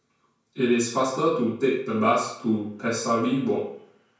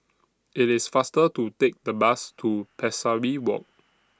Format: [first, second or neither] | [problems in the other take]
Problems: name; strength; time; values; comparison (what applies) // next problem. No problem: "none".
second | room echo; dies away in 0.5 s